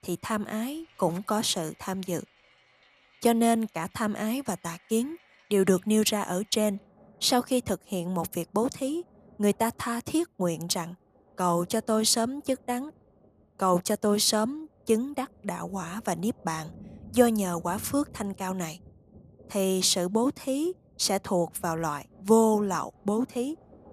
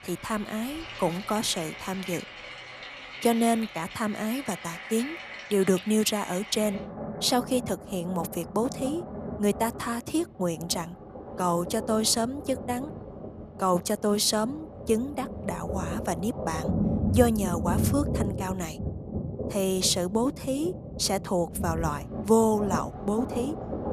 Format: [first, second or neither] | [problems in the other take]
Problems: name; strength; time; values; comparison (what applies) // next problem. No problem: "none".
first | rain or running water; loud; throughout; 7 dB below the speech; faint in the first